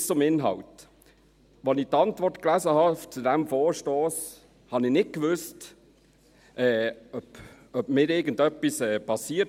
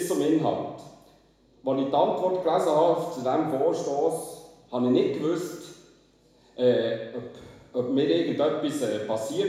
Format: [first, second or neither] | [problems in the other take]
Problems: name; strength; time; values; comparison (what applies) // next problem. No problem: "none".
first | room echo; dies away in 1 s